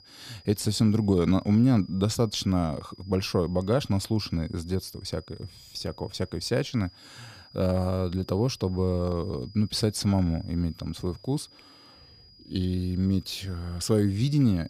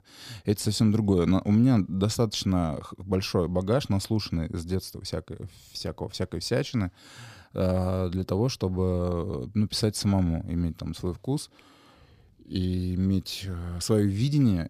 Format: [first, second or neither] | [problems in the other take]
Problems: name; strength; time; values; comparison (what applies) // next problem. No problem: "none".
second | high-pitched whine; faint; throughout; 5 kHz, 25 dB below the speech